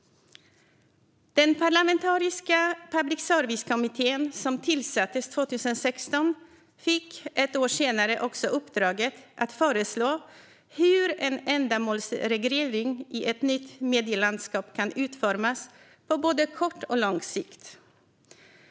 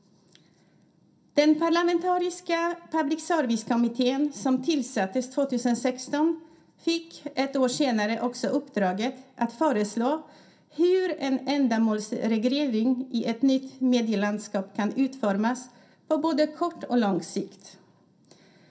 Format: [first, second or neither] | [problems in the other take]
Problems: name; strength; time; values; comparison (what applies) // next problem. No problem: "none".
first | room echo; dies away in 0.3 s